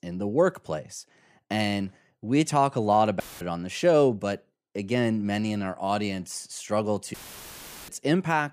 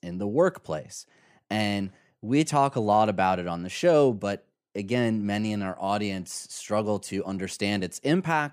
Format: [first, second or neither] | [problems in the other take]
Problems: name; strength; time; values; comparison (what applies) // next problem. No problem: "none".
second | audio cutting out; filled with static; at 3 s and at 7 s for 1 s